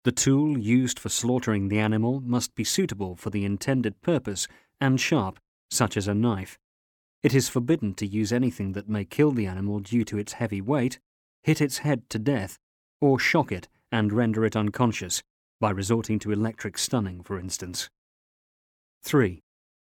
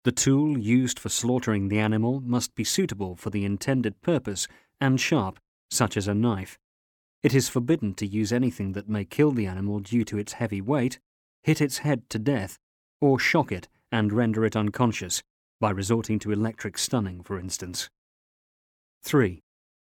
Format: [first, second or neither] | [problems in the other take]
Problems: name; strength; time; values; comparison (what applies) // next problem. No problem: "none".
neither | none